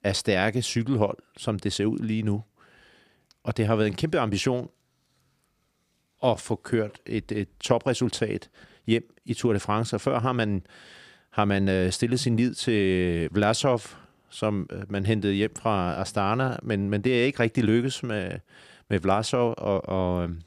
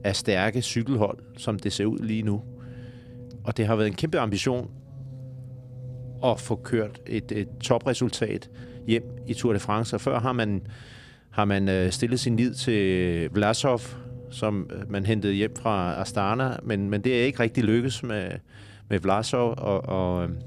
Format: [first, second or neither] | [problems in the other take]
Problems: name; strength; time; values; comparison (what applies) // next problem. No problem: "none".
first | low rumble; faint; throughout; 20 dB below the speech